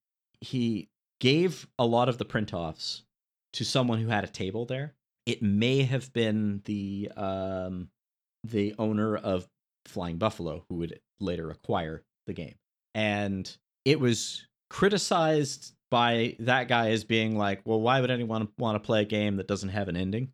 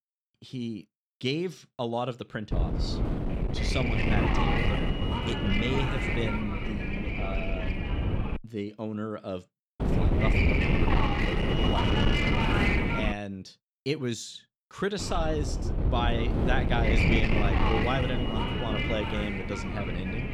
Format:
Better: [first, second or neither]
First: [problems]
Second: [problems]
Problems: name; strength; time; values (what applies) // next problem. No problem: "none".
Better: first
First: none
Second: wind noise on the microphone; heavy; from 2.5 to 8.5 s, from 10 to 13 s and from 15 s on; 4 dB above the speech